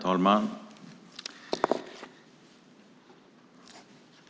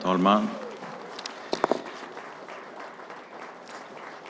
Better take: first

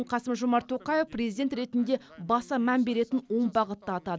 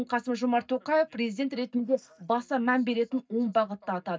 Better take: first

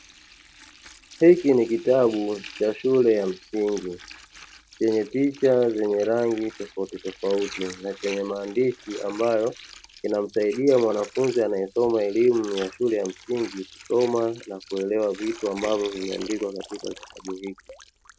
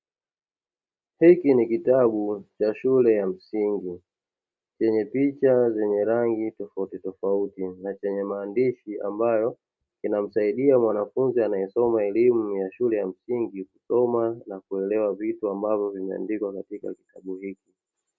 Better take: second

